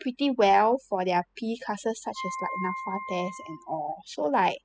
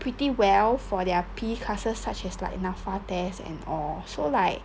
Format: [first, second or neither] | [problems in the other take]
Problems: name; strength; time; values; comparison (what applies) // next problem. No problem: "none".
second | noise reduction (classical method spectral subtraction)